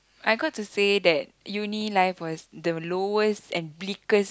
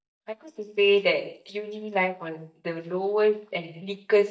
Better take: first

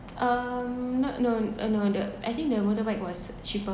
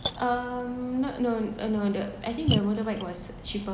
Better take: first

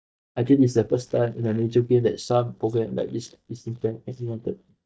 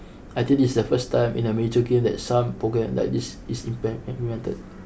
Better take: second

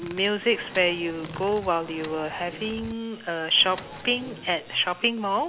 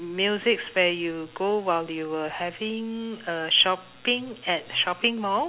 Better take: second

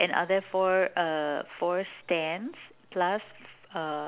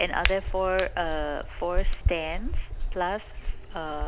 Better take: first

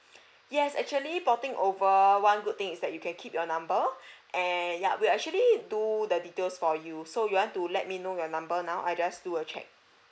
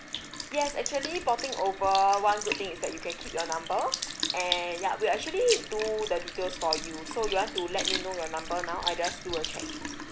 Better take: first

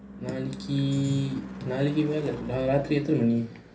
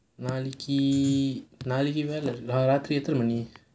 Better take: second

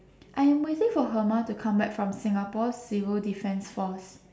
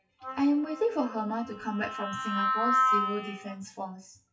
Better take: first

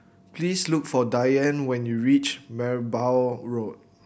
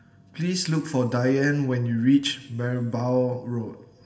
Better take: first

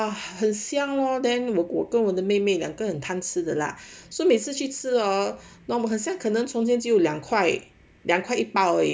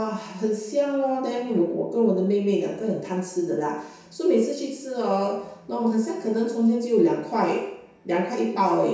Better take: first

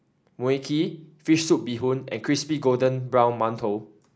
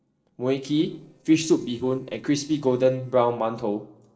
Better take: first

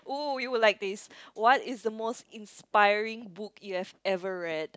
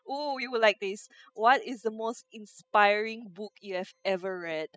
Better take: first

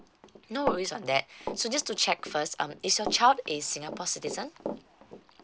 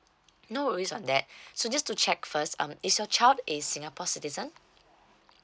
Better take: second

